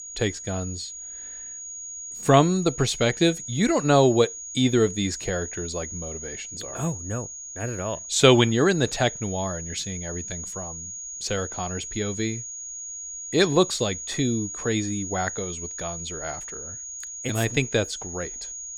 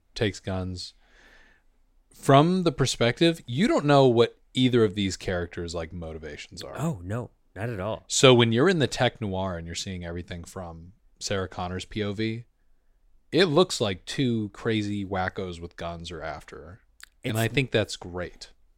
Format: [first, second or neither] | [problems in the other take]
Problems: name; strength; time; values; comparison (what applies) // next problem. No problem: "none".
second | high-pitched whine; loud; throughout; 6.5 kHz, 9 dB below the speech